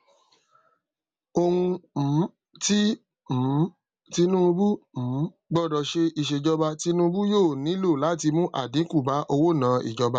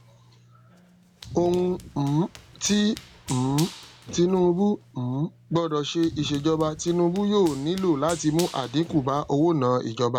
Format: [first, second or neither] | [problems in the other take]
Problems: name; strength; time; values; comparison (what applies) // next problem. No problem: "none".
first | background sound (Run); 18 dB below the speech